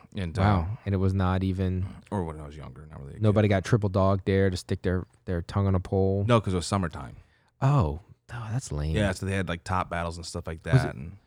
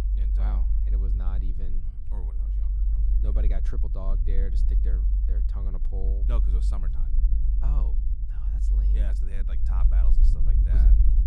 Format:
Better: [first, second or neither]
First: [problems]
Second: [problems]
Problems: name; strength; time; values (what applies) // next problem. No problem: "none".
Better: first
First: none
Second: low rumble; loud; throughout; 2 dB below the speech